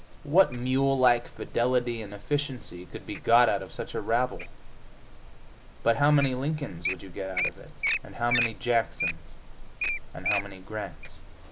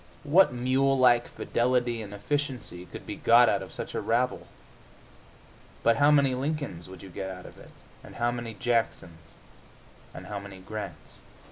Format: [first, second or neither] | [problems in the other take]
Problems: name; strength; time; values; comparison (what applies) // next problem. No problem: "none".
second | background sound (Wild animals); 7 dB below the speech